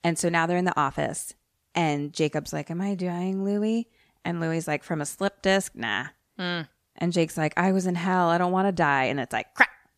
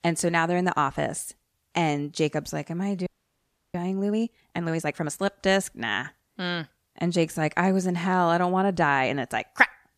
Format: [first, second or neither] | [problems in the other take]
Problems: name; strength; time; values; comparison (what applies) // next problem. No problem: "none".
first | audio freezing; at 3 s for 0.5 s